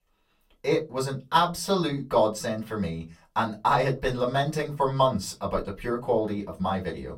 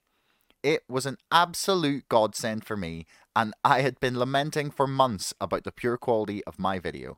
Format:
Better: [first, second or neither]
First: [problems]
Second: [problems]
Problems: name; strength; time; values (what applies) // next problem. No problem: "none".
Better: second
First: off-mic speech; far // room echo; very slight; dies away in 0.2 s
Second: none